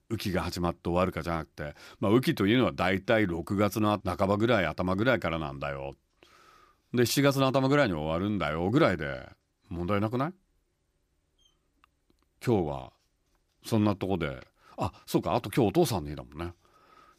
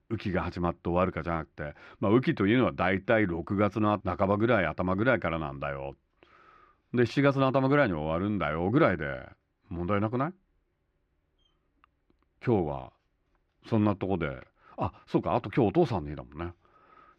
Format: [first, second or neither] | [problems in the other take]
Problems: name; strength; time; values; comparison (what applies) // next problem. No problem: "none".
first | muffled; slightly; fading above 2 kHz